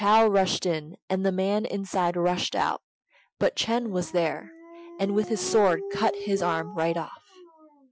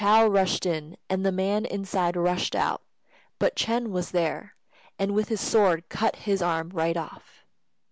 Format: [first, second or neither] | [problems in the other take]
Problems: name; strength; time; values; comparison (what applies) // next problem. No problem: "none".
second | noise reduction (classical method Wiener filter)